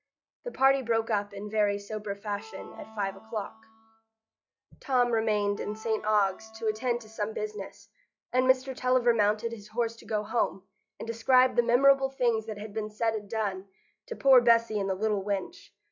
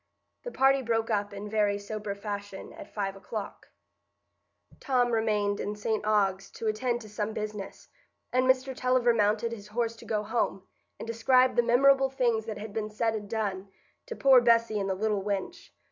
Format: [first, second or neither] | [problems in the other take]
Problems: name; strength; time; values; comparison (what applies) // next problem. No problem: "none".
second | noise reduction (classical method log-MMSE)